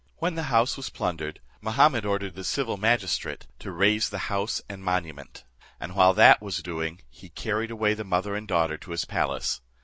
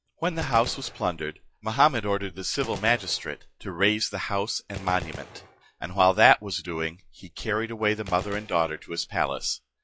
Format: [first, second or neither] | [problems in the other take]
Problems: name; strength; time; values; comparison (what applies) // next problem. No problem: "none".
first | noise reduction (classical method log-MMSE)